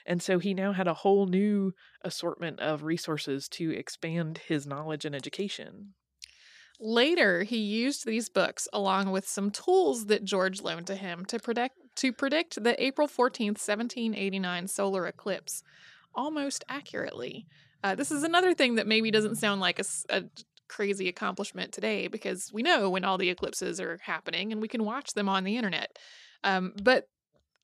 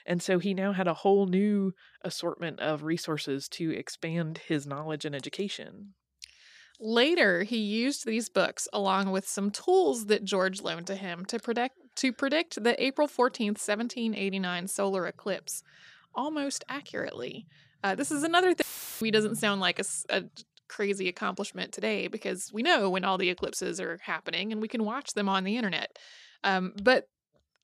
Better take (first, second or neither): first